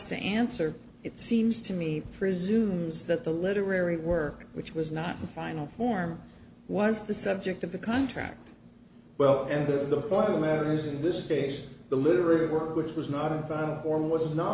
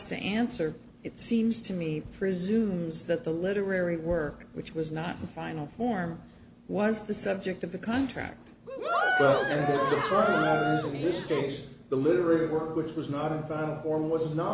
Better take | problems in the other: first | background sound (Cheering); as loud as the speech

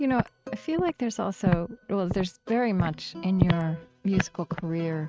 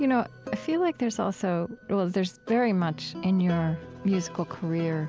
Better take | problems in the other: second | noise reduction (neural mask model RNNoise)

